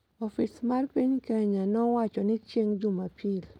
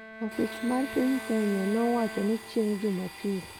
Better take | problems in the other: first | background sound (Domestic sounds, home sounds + Bowed string instrument); 11 dB below the speech

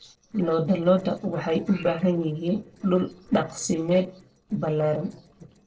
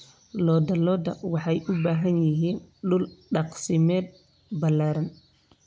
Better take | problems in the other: second | noise reduction (neural separator model SepFormer DNS4)

